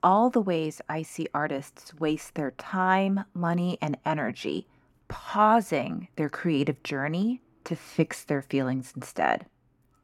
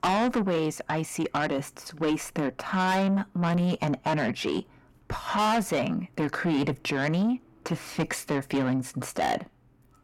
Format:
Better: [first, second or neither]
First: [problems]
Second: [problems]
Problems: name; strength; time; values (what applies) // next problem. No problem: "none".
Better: first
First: none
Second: distortion; heavy; 6 dB below the speech